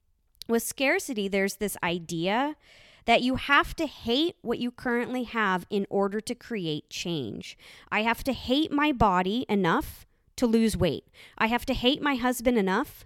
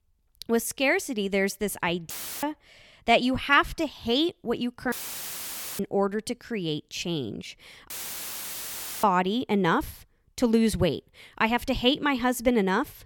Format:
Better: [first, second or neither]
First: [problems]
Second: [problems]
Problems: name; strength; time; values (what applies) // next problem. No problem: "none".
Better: first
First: none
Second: audio cutting out; filled with static; at 2 s, at 5 s for 1 s and at 8 s for 1 s